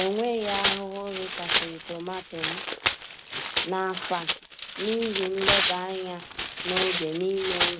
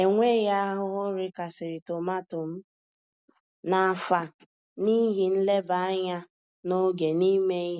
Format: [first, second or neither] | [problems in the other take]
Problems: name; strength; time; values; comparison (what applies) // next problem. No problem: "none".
second | background sound (Tearing); 1 dB above the speech